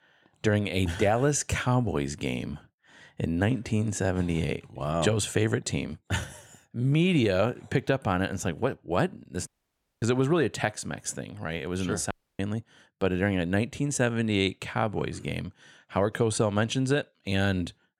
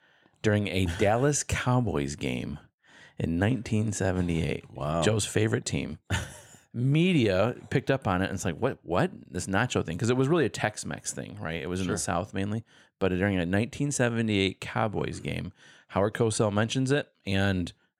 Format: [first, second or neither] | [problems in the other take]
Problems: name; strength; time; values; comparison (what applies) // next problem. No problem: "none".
second | audio cutting out; at 9.5 s for 0.5 s and at 12 s